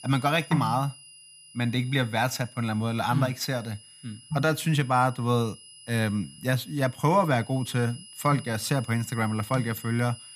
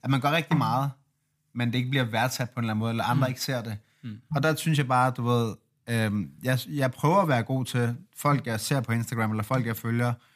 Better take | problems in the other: second | high-pitched whine; noticeable; throughout; 3 kHz, 20 dB below the speech

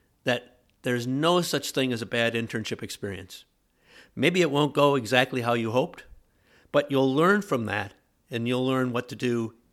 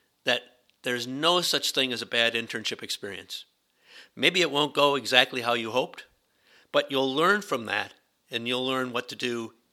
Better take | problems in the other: first | thin; very slightly; fading below 1 kHz

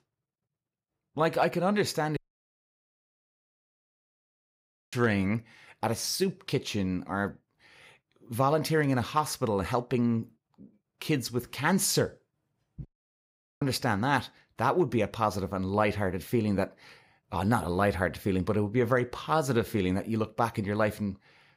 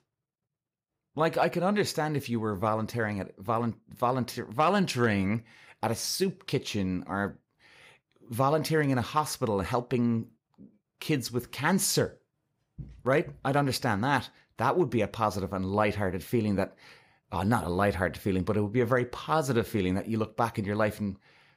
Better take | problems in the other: second | audio cutting out; at 2 s for 3 s and at 13 s for 1 s

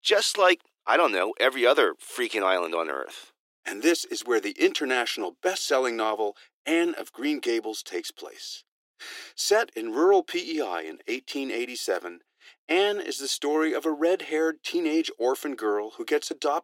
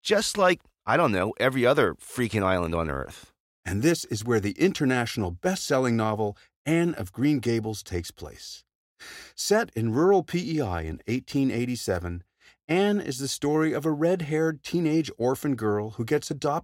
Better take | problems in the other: second | thin; somewhat; fading below 350 Hz

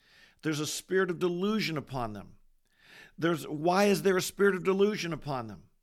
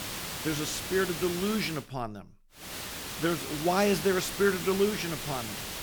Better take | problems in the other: first | hiss; loud; until 2 s and from 2.5 s on; 6 dB below the speech

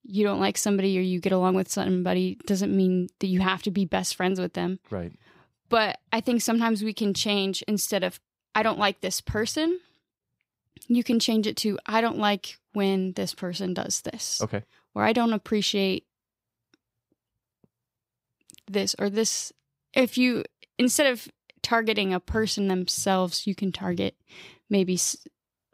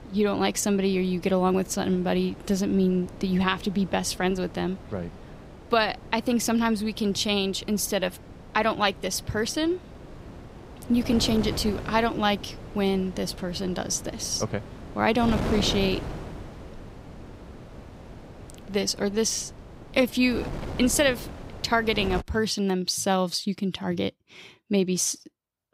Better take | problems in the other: first | wind noise on the microphone; occasional gusts; until 22 s; 15 dB below the speech

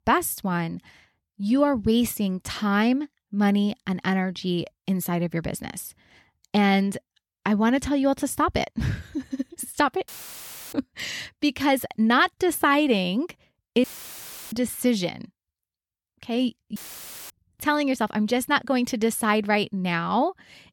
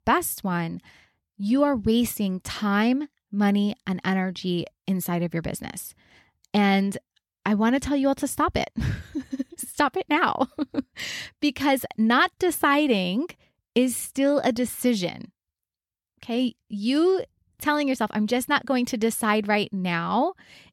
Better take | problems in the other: second | audio cutting out; filled with static; at 10 s for 0.5 s, at 14 s for 0.5 s and at 17 s for 0.5 s

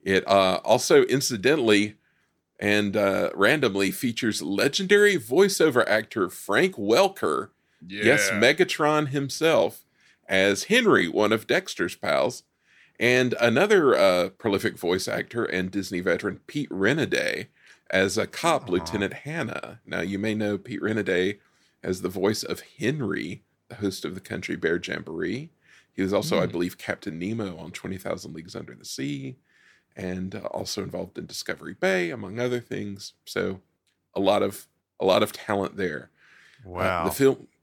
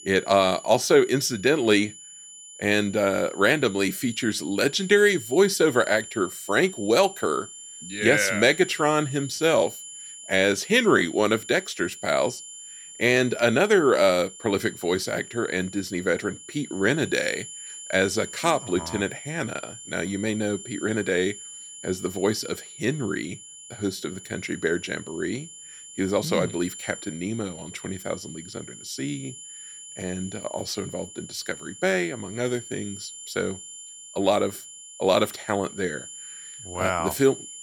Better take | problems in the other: first | high-pitched whine; noticeable; throughout; 7 kHz, 15 dB below the speech

